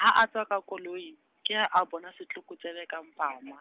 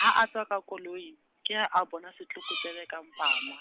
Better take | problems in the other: first | background sound (Bird vocalization, bird call, bird song); 7 dB below the speech

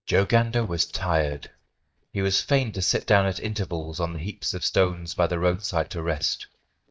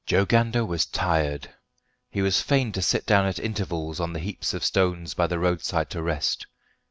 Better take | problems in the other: second | noise reduction (neural mask model DeepFilterNet 3)

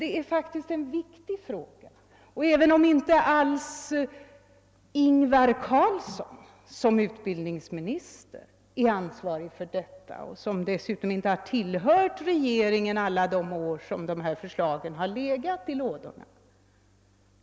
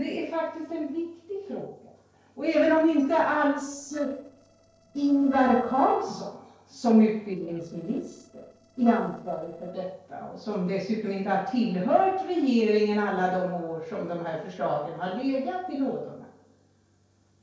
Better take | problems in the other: first | noise reduction (neural separator model SepFormer DNS4)

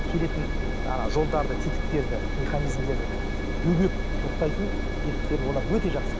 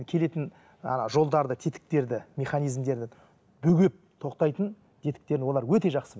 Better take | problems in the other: second | background sound (Engine); 3 dB above the speech

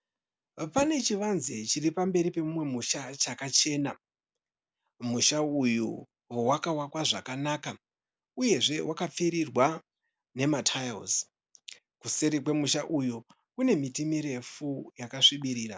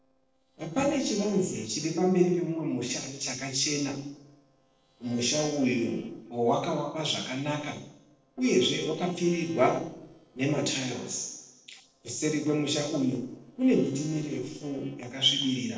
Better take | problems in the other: first | noise reduction (neural separator model SepFormer DNS4)

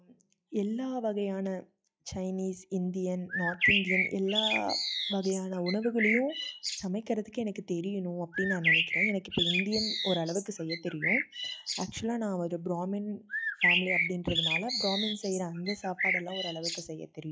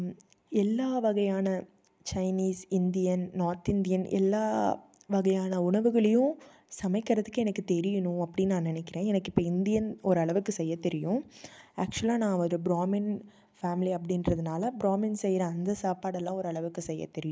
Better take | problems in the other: second | noise reduction (classical method log-MMSE)

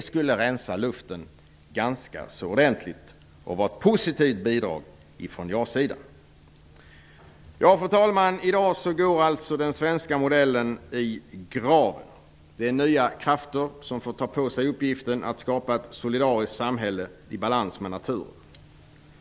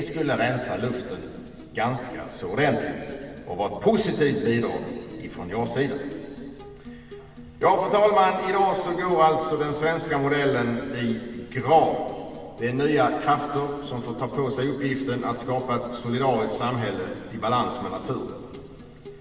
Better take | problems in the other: first | background sound (Acoustic guitar); 19 dB below the speech // room echo; dies away in 2.3 s

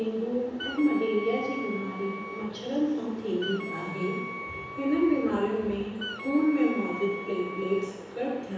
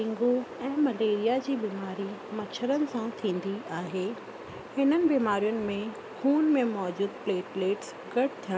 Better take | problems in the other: second | background sound (Wind instrument, woodwind instrument); 11 dB below the speech // room echo; dies away in 1.1 s

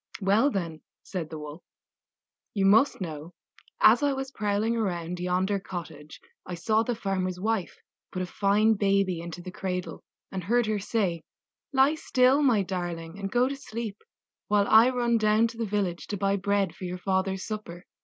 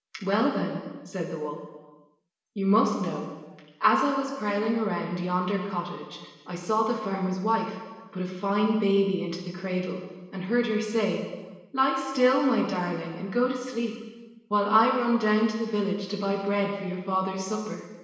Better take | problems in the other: first | room echo; dies away in 1.2 s

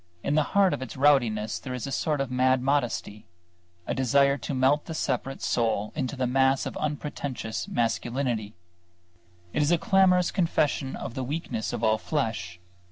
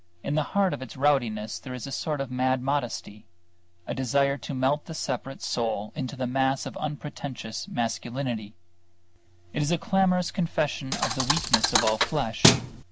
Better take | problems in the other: first | background sound (Thump, thud); 3 dB above the speech

